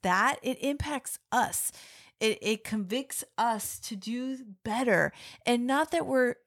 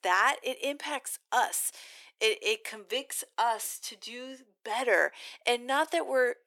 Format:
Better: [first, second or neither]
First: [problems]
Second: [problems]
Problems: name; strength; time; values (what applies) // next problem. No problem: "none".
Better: first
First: none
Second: thin; somewhat; fading below 350 Hz